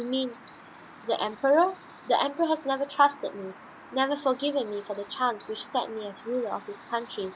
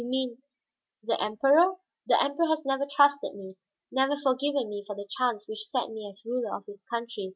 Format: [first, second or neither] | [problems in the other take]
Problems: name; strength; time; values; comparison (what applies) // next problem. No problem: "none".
second | background sound (Chirp, tweet); 19 dB below the speech